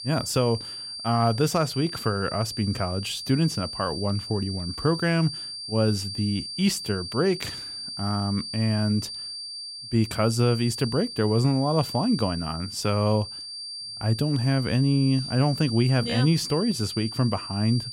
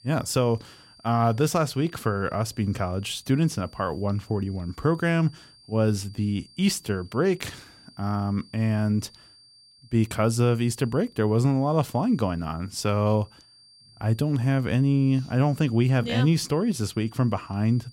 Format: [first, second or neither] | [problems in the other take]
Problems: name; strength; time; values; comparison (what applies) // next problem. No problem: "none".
second | high-pitched whine; loud; throughout; 4.5 kHz, 8 dB below the speech; faint in the second